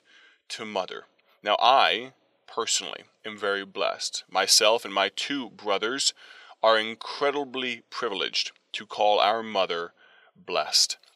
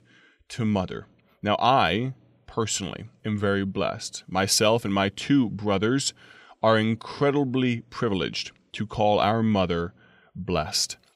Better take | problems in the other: second | thin; very; fading below 600 Hz

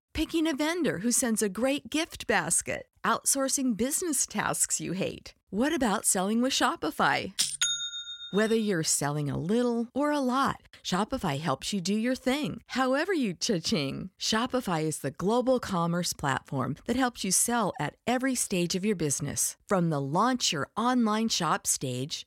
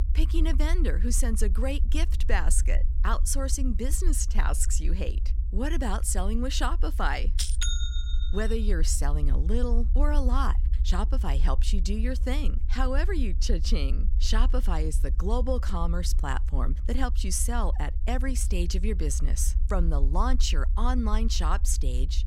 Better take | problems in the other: first | low rumble; noticeable; throughout; 15 dB below the speech

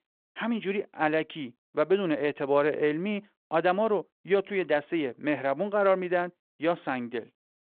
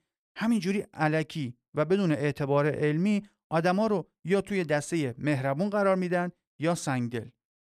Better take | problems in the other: second | phone-call audio

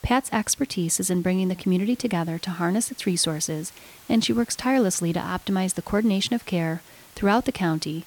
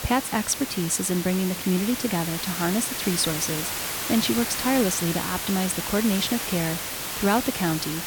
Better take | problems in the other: first | hiss; loud; throughout; 3 dB below the speech; faint in the first

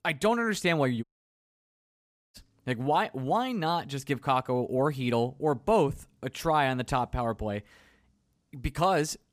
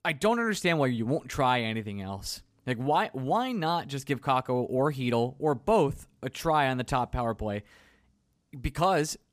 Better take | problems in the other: second | audio cutting out; at 1 s for 1.5 s

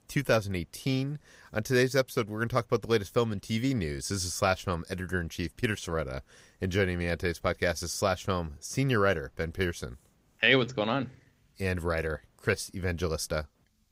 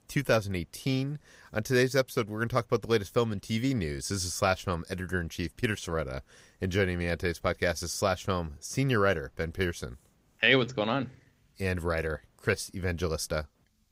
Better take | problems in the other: neither | none

